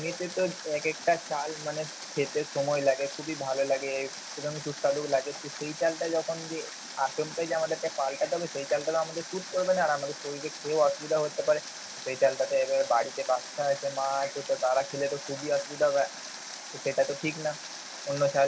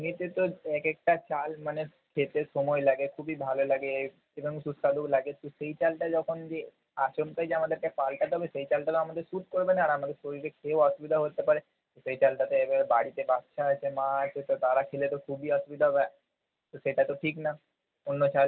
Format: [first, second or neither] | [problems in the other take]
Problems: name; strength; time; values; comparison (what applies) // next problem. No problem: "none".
second | background sound (Water); 12 dB below the speech